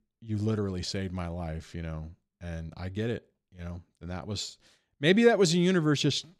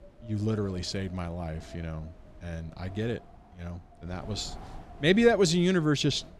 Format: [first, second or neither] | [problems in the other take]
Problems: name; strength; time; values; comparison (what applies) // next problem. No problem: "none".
first | wind noise on the microphone; occasional gusts; 20 dB below the speech